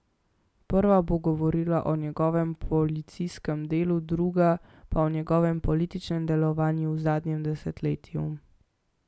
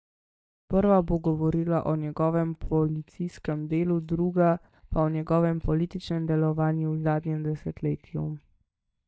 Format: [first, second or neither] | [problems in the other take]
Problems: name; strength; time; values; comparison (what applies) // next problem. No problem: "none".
first | noise reduction (neural mask model DeepFilterNet 3)